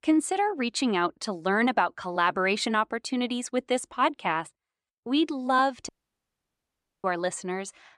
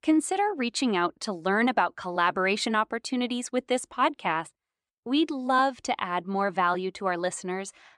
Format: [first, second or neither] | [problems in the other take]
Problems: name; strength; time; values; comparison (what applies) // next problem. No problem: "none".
second | audio cutting out; at 6 s for 1 s